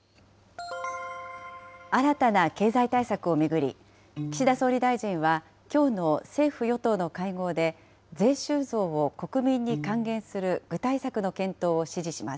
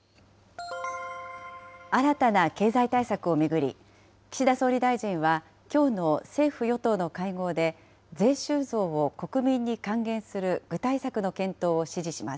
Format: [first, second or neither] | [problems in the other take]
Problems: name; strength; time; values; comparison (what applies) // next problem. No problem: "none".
second | background sound (Piano); 11 dB below the speech